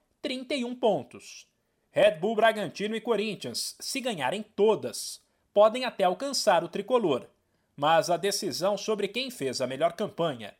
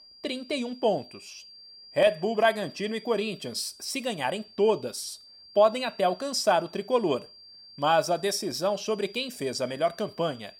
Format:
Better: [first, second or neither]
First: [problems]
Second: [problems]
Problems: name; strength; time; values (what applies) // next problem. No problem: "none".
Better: first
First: none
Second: high-pitched whine; faint; throughout; 4.5 kHz, 20 dB below the speech